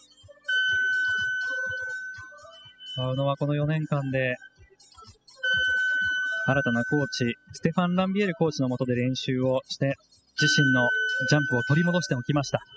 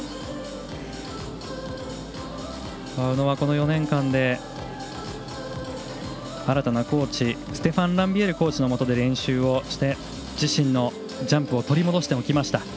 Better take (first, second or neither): second